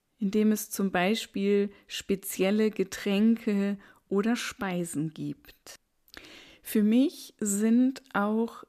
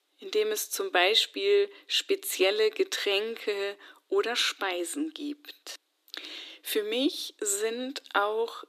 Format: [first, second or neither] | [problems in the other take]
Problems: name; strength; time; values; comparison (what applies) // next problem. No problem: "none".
first | thin; very; fading below 300 Hz